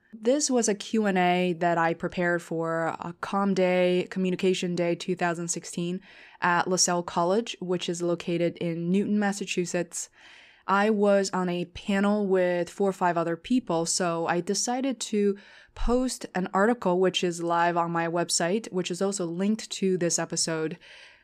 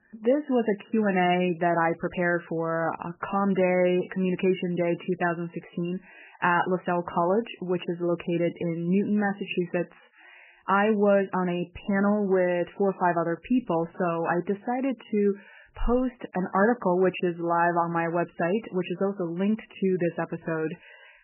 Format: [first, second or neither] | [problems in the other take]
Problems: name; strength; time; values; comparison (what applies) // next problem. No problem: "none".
first | garbled, watery; badly; nothing above 3 kHz